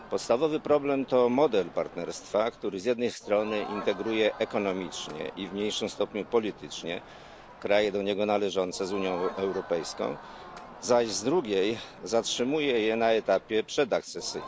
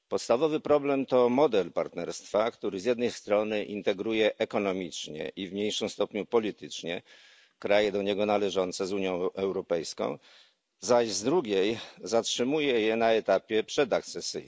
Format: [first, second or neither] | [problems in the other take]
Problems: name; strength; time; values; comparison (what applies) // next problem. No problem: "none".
second | background sound (Crowd); 17 dB below the speech